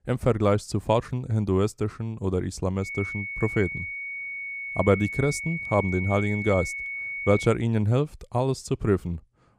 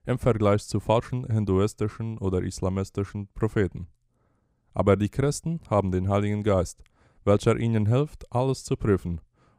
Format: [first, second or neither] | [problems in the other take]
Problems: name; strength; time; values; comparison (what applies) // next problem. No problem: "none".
second | high-pitched whine; loud; from 3 to 7.5 s; 2 kHz, 6 dB below the speech